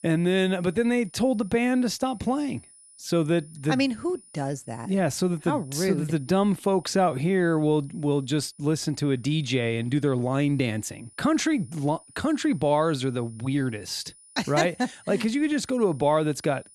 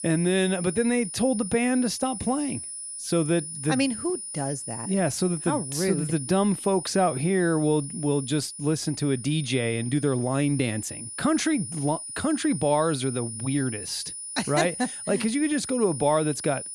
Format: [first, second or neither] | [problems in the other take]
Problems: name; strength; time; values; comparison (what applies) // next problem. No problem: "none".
first | high-pitched whine; loud; throughout; 9.5 kHz, 8 dB below the speech; faint in the first